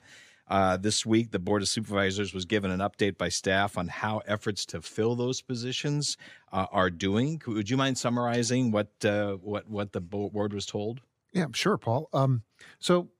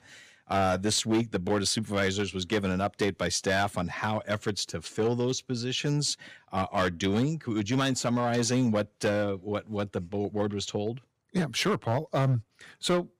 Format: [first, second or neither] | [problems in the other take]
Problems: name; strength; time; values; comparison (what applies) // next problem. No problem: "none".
first | distortion; slight; 5% of the sound clipped